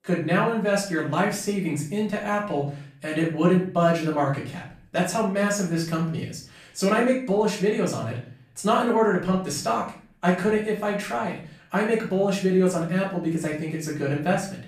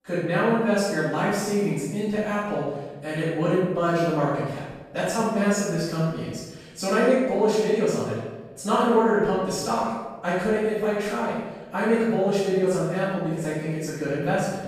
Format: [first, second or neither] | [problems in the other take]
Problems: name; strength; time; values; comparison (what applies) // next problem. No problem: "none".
first | room echo; strong; dies away in 1 s; slight in the first // off-mic speech; far; far in the first